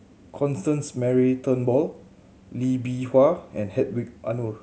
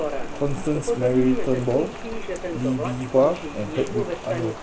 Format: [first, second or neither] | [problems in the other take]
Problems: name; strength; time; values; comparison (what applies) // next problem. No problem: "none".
first | background sound (Rain + Subway, metro, underground); 3 dB below the speech